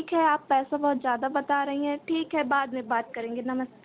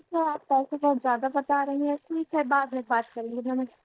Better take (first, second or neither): first